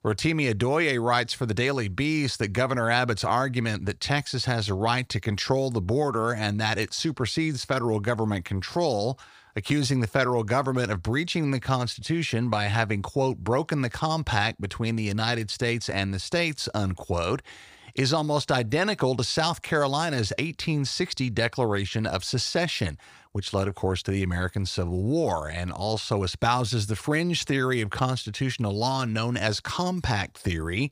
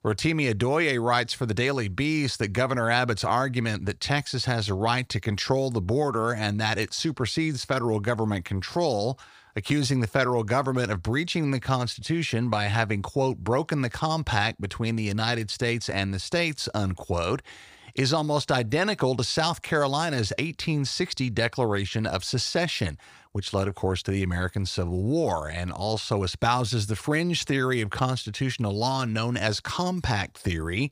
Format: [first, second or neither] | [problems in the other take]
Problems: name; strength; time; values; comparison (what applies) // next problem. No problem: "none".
neither | none